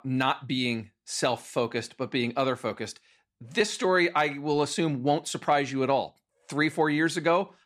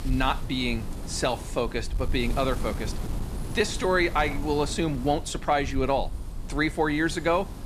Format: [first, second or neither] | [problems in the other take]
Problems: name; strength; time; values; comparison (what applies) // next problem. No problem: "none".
first | wind noise on the microphone; occasional gusts; 15 dB below the speech